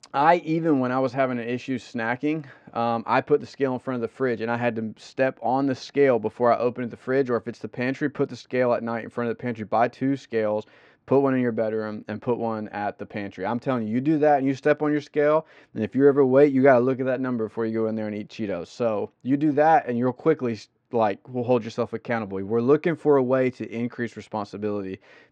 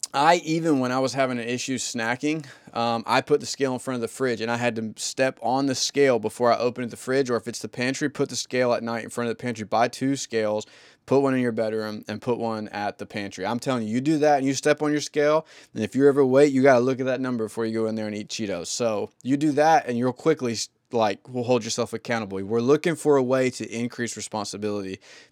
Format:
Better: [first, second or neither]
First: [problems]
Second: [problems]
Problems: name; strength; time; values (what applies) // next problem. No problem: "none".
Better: second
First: muffled; very; fading above 2 kHz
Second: none